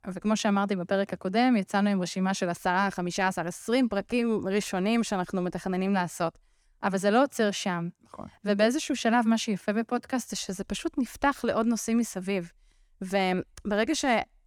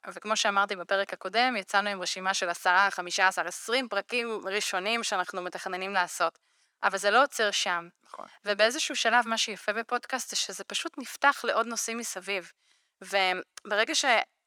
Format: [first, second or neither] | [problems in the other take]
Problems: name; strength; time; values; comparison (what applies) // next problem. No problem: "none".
first | thin; very; fading below 550 Hz